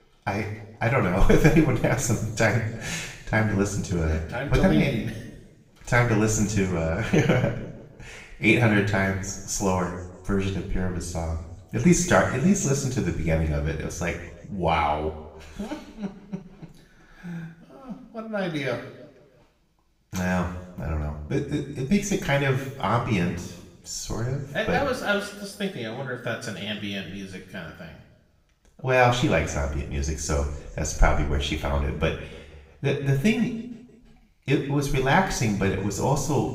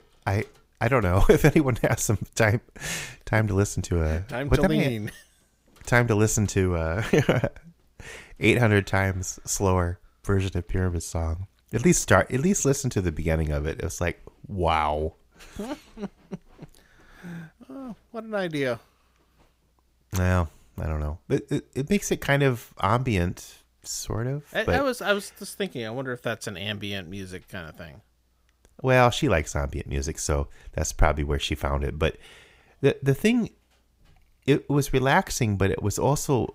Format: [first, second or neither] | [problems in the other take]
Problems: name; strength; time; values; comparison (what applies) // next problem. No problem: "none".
second | room echo; noticeable; dies away in 0.9 s // off-mic speech; far